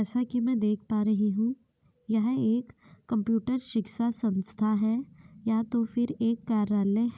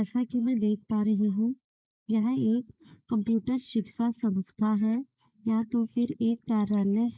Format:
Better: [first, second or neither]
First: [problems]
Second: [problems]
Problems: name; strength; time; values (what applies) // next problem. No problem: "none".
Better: first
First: none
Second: noise reduction (neural mask model Resemble Enhance denoiser)